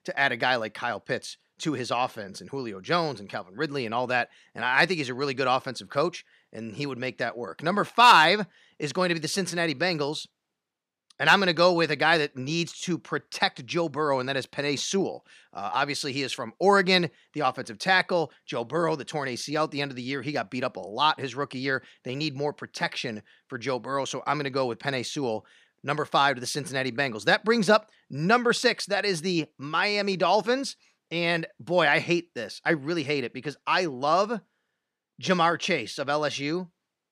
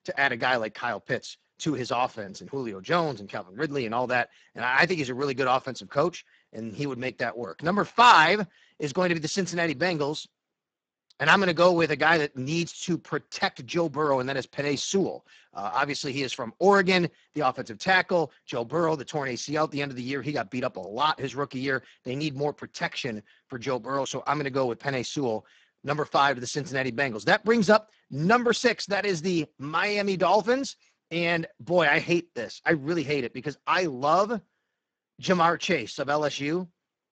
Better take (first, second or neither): first